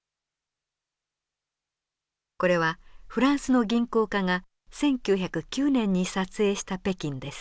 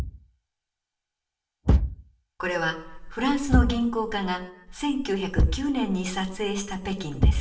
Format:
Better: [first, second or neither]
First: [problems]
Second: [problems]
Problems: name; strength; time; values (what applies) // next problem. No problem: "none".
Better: first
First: none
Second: background sound (Thump, thud); 1 dB above the speech // room echo; dies away in 0.6 s